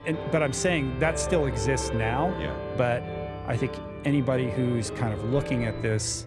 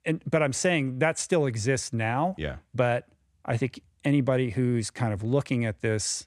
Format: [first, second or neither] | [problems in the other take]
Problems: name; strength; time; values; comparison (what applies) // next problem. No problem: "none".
second | background music; loud; throughout; 6 dB below the speech